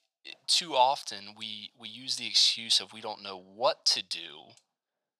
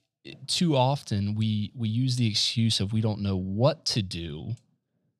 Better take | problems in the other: second | thin; very; fading below 850 Hz

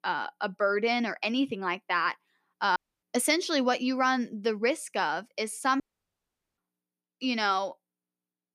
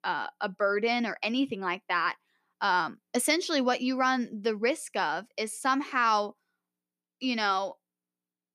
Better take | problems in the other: second | audio cutting out; at 3 s and at 6 s for 1 s

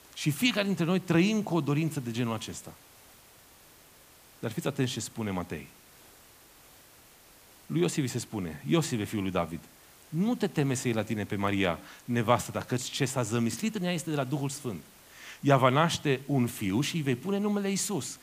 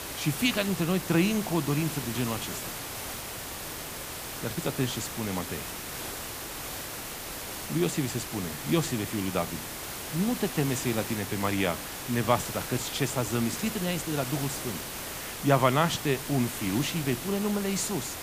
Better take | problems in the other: first | hiss; loud; throughout; 6 dB below the speech; faint in the first

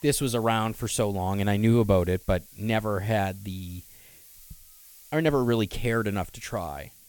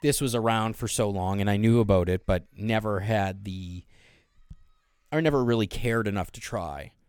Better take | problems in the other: second | hiss; faint; throughout; 20 dB below the speech

